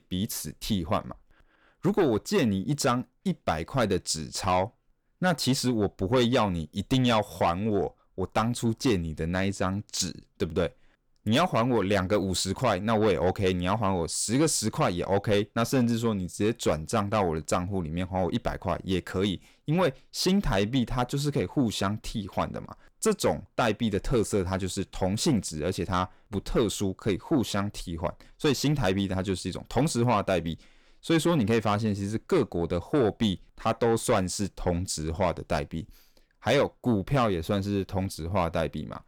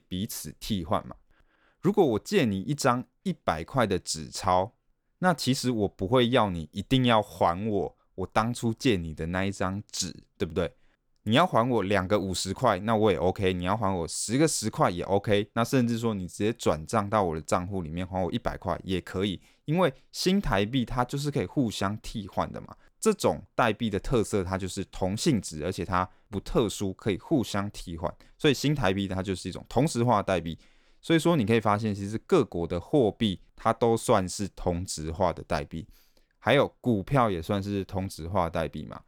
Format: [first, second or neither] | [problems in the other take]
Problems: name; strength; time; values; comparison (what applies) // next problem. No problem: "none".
second | distortion; slight; 10 dB below the speech